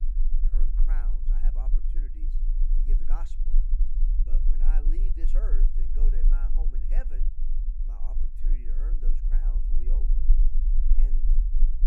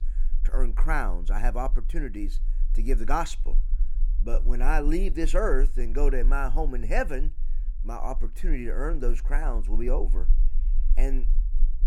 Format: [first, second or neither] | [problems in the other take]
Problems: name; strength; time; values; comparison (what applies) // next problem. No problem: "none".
second | low rumble; loud; throughout; 4 dB below the speech; faint in the second